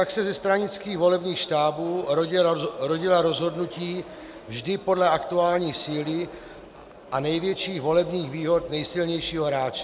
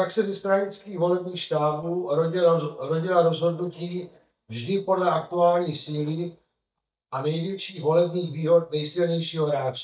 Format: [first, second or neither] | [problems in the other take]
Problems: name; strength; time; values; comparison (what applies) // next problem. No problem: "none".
first | noise reduction (neural mask model DeepFilterNet 3)